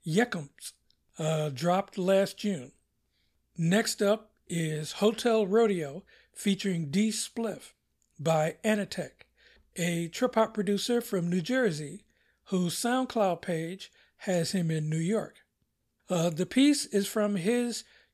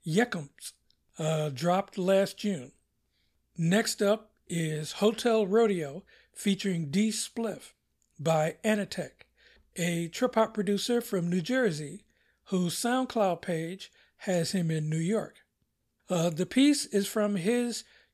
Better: neither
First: none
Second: none

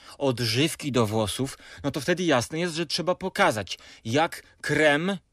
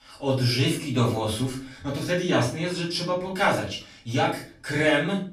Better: first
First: none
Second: off-mic speech; far // room echo; noticeable; dies away in 0.4 s

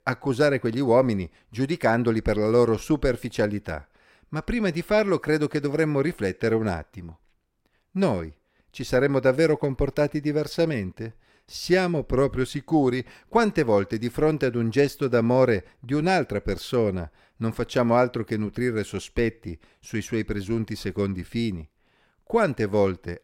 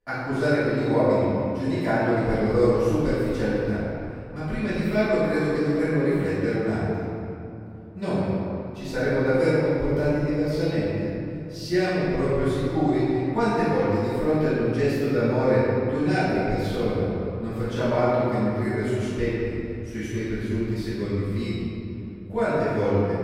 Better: first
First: none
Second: off-mic speech; far // room echo; strong; dies away in 2.8 s

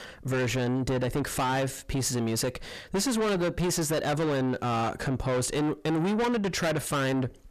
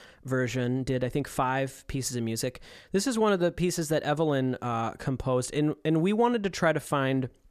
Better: second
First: distortion; heavy; 6 dB below the speech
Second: none

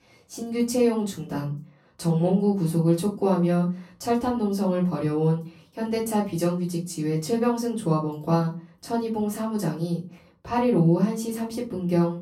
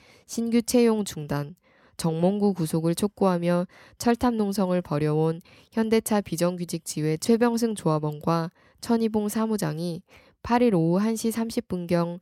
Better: second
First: off-mic speech; far // room echo; slight; dies away in 0.3 s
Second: none

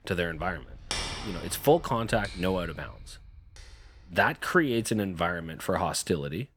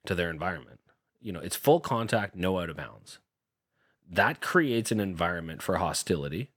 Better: second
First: household noises; noticeable; throughout; 10 dB below the speech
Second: none

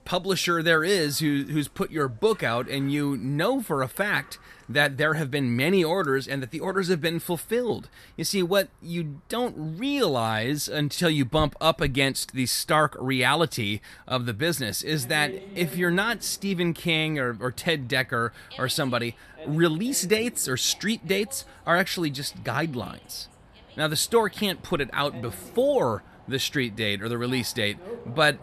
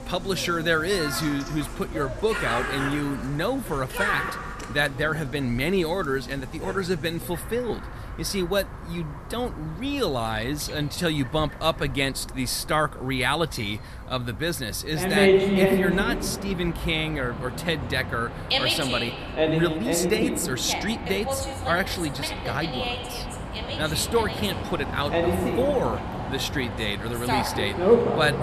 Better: first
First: animal sounds; faint; throughout; 25 dB below the speech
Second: animal sounds; loud; throughout; 1 dB below the speech

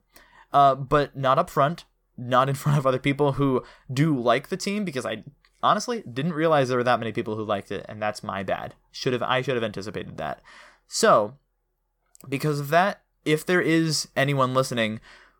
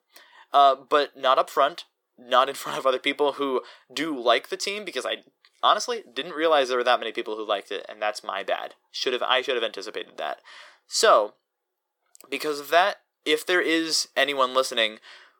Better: first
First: none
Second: thin; somewhat; fading below 350 Hz

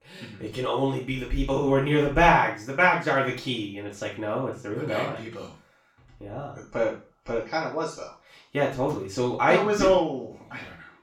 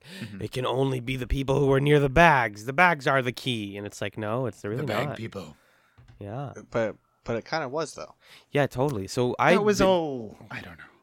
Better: second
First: room echo; noticeable; dies away in 0.3 s // off-mic speech; far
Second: none

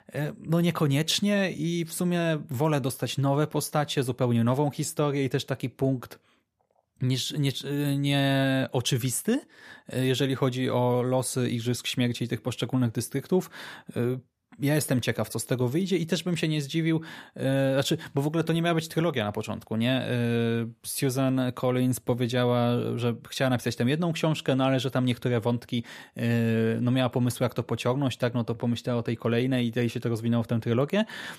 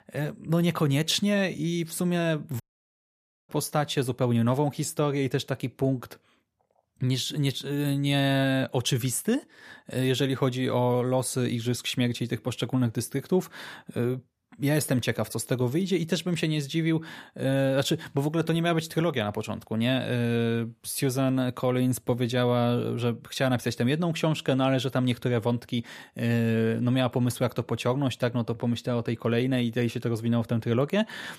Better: first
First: none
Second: audio cutting out; at 2.5 s for 1 s

